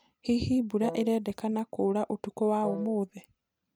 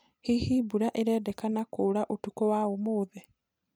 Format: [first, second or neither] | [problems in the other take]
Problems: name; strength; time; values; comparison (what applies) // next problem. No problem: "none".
second | background sound (Wind instrument, woodwind instrument); 10 dB below the speech